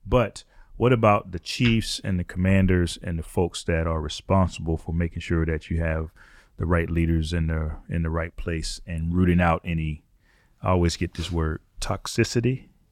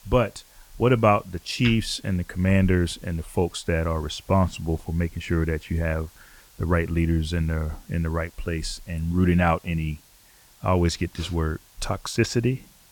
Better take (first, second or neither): first